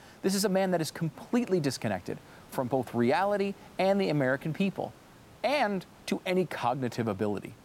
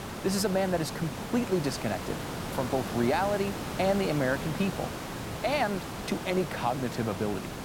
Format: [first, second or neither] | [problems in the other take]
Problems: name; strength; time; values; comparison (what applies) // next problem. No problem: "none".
first | hiss; loud; throughout; 6 dB below the speech; faint in the first